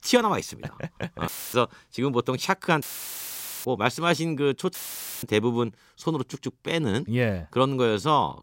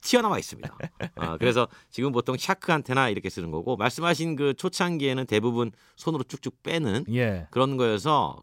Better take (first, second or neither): second